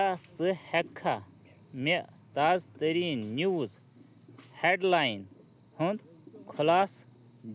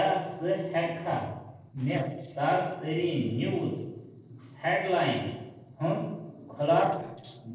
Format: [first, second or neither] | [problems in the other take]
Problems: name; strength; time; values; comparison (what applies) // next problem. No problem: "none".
first | noise reduction (neural separator model SepFormer DNS4)